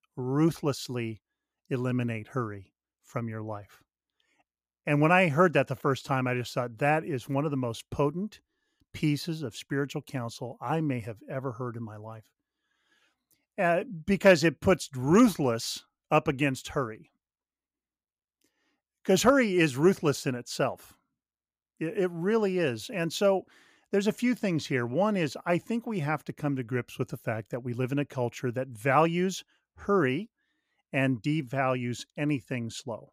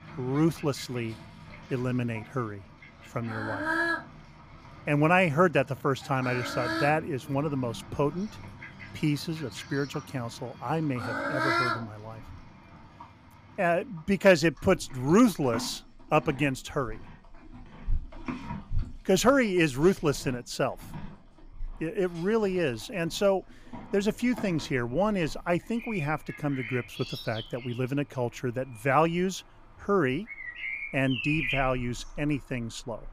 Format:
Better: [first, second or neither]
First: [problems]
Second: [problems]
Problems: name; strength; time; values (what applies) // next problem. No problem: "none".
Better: first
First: none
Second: animal sounds; loud; throughout; 8 dB below the speech